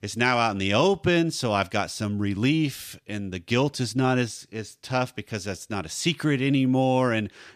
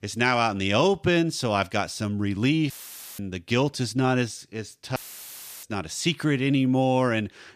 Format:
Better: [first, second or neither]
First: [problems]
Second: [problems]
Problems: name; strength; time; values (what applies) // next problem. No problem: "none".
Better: first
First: none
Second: audio cutting out; filled with static; at 2.5 s and at 5 s for 0.5 s